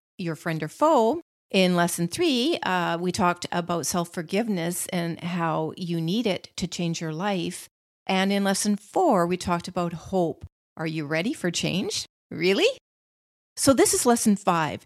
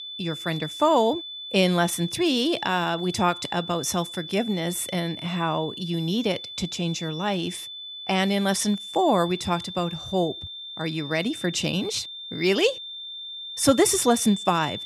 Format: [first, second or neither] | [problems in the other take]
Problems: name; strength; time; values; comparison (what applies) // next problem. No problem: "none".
first | high-pitched whine; loud; throughout; 3.5 kHz, 10 dB below the speech